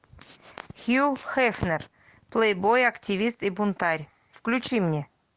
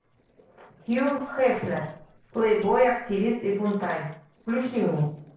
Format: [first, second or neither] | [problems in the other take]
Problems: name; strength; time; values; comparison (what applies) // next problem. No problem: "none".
first | noise reduction (neural separator model SepFormer DNS4)